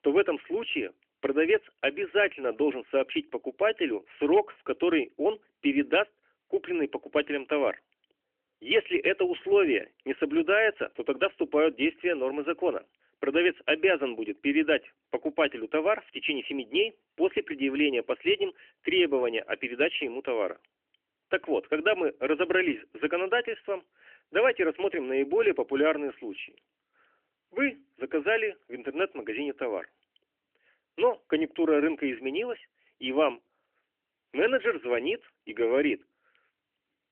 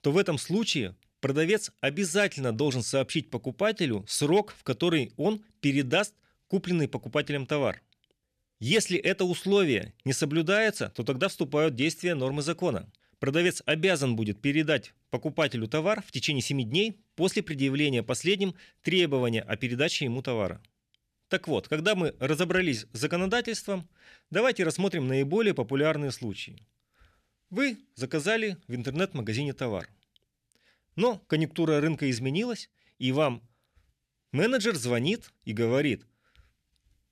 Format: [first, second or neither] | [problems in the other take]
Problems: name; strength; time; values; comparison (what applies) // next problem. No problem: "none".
second | phone-call audio; nothing above 3 kHz